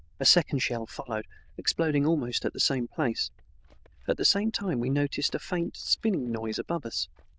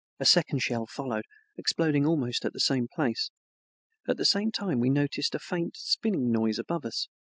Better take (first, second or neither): second